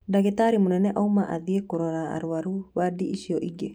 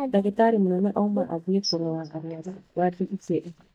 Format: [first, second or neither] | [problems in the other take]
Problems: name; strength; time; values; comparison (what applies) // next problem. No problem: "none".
first | noise reduction (neural mask model DeepFilterNet 3)